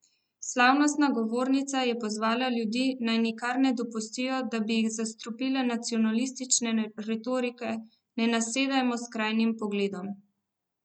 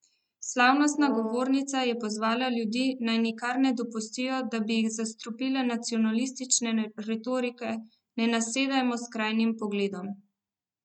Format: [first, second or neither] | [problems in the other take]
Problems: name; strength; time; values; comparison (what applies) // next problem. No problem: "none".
first | noise reduction (neural mask model RNNoise)